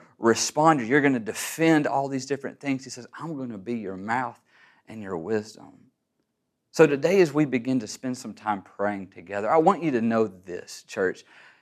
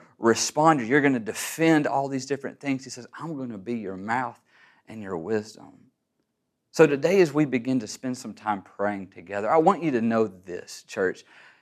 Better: neither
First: none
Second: none

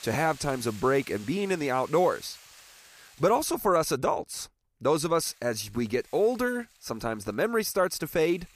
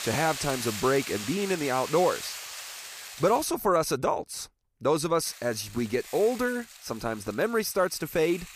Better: first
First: hiss; faint; until 3.5 s and from 5.5 s on; 20 dB below the speech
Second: hiss; loud; until 3.5 s and from 5.5 s on; 10 dB below the speech

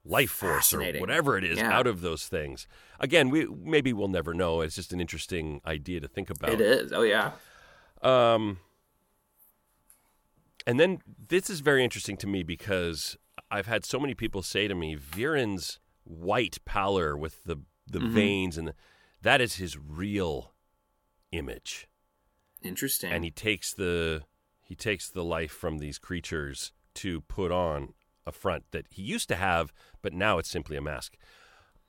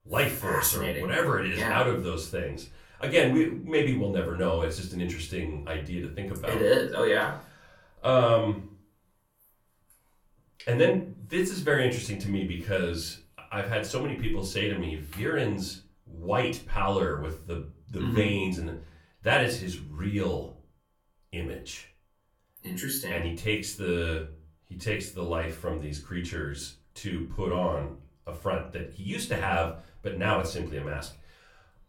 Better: first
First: none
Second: off-mic speech; far // room echo; slight; dies away in 0.3 s

